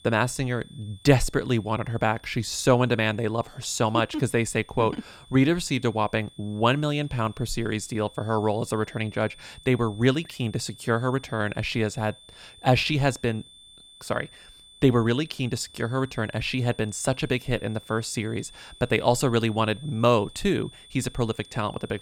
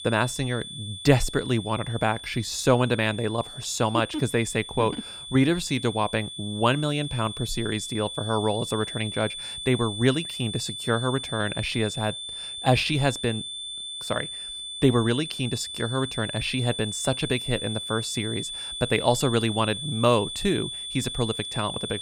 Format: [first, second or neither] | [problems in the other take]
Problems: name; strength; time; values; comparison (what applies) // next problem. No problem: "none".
first | high-pitched whine; loud; throughout; 3.5 kHz, 7 dB below the speech; faint in the first